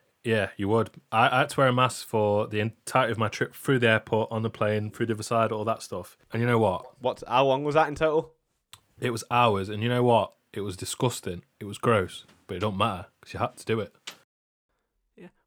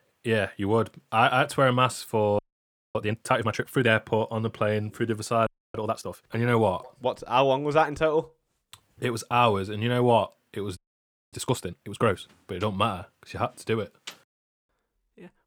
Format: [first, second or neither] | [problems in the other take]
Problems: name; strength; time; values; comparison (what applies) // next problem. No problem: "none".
first | audio freezing; at 2.5 s for 0.5 s, at 5.5 s and at 11 s for 0.5 s